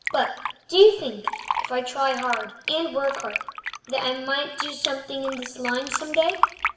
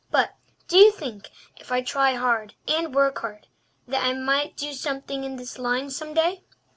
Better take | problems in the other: second | background sound (Fill (with liquid)); 6 dB below the speech // room echo; dies away in 0.8 s

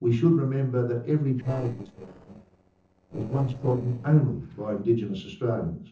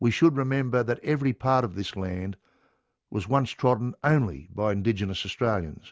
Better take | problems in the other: second | noise reduction (neural separator model SepFormer DNS4)

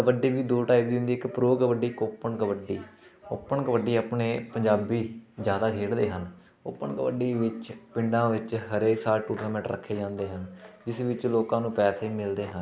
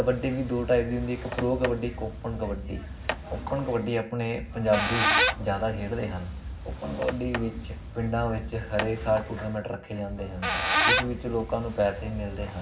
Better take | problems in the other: first | background sound (Squeak); 3 dB below the speech // room echo; dies away in 0.4 s

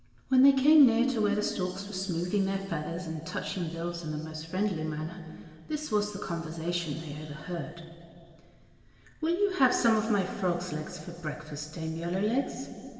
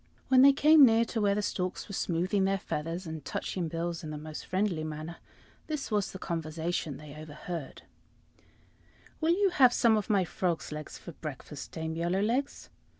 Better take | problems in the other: second | room echo; dies away in 2.6 s

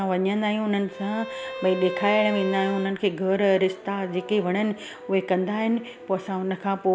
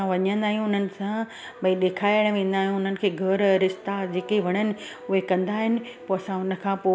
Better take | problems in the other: second | background sound (Bowed string instrument); 11 dB below the speech

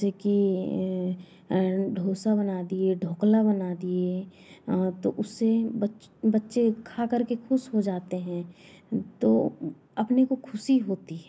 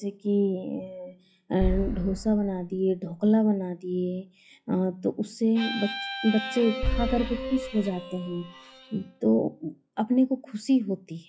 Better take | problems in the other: first | noise reduction (classical method log-MMSE)

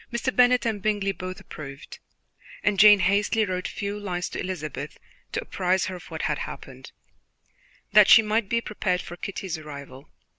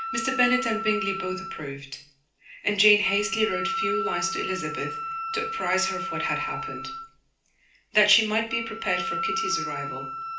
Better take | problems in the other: first | background sound (Wind instrument, woodwind instrument); 5 dB below the speech // room echo; dies away in 0.4 s

